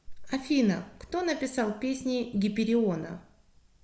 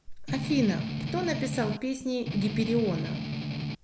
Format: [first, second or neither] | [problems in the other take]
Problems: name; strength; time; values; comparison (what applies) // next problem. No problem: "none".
first | background sound (Strum); 2 dB below the speech